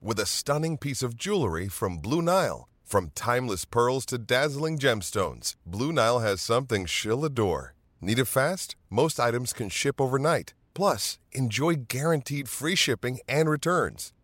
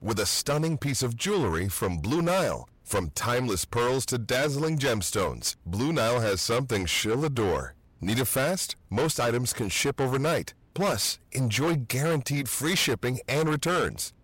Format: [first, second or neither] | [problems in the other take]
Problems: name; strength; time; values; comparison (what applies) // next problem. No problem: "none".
first | distortion; heavy; 7 dB below the speech